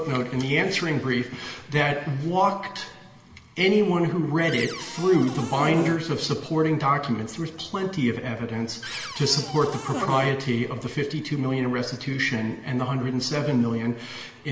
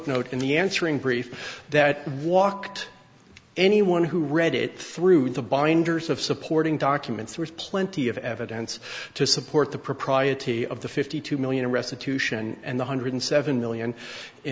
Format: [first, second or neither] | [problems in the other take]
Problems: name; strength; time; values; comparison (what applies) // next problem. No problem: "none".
second | background sound (Cupboard open or close); 9 dB below the speech // room echo; dies away in 1.5 s